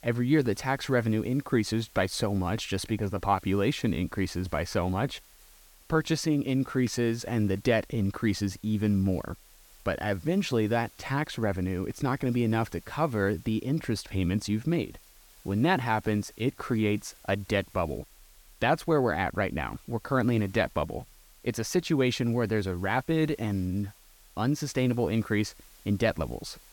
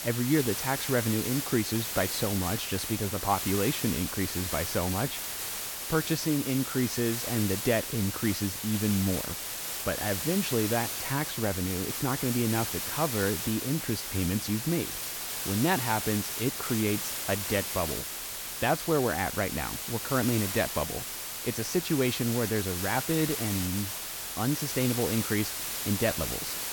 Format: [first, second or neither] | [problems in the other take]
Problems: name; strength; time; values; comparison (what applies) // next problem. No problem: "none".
first | hiss; loud; throughout; 2 dB below the speech; faint in the first